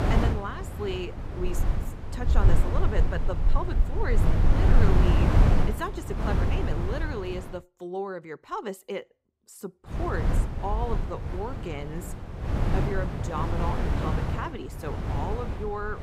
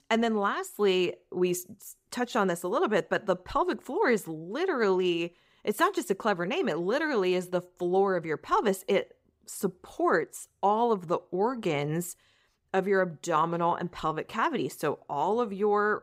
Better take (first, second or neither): second